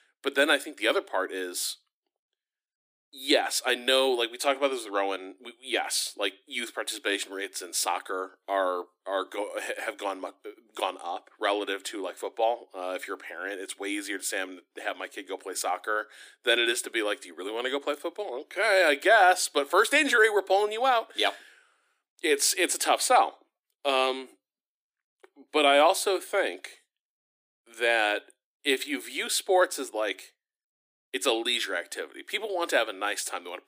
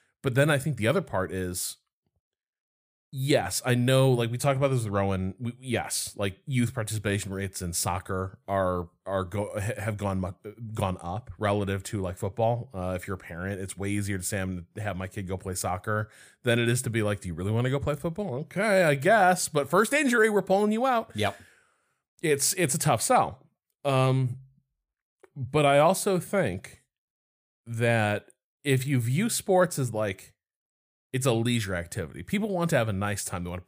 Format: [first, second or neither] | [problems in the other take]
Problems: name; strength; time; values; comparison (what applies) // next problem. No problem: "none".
second | thin; somewhat; fading below 300 Hz